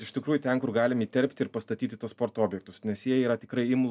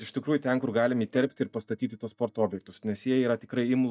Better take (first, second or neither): first